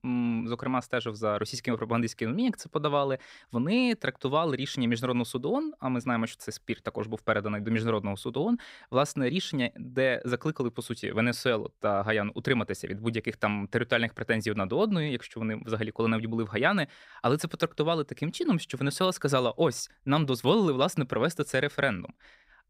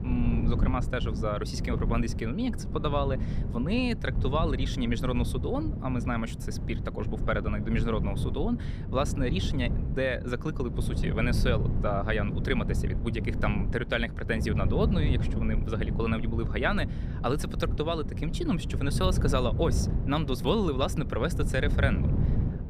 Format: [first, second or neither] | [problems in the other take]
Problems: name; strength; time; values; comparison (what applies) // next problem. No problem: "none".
first | wind noise on the microphone; heavy; 10 dB below the speech